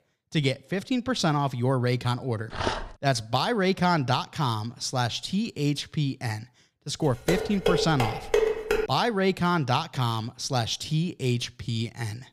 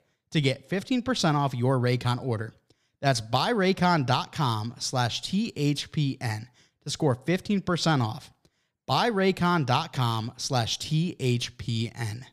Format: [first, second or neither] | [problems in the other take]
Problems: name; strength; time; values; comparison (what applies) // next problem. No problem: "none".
second | dog barking; noticeable; at 2.5 s; peak 3 dB below the speech // clattering dishes; loud; from 7.5 to 9 s; peak 2 dB above the speech